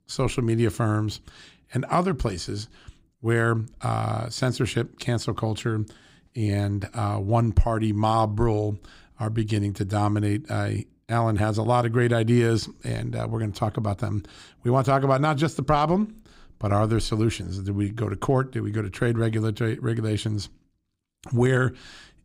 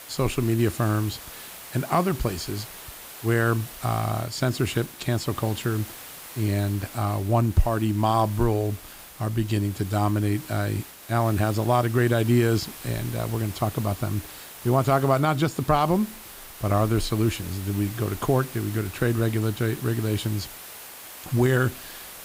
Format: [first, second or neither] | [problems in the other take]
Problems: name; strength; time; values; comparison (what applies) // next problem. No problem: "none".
first | hiss; noticeable; throughout; 15 dB below the speech